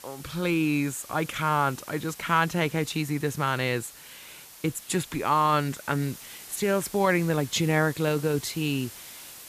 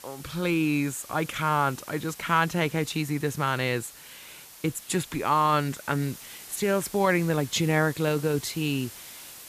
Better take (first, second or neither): neither